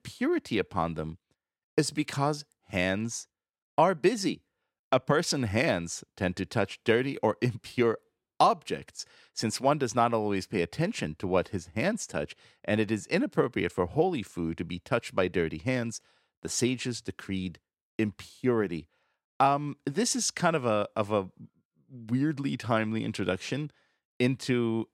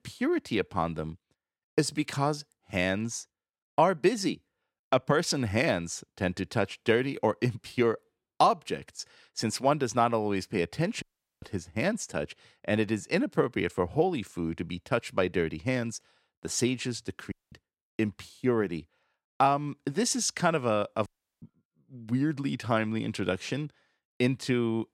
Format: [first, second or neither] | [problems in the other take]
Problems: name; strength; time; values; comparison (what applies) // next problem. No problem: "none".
first | audio cutting out; at 11 s, at 17 s and at 21 s